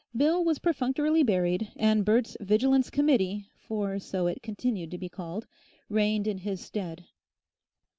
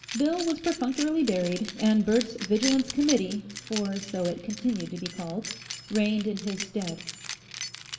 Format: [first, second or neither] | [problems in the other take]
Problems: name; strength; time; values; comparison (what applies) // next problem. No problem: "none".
first | background sound (Keys jangling); 11 dB below the speech // room echo; dies away in 1 s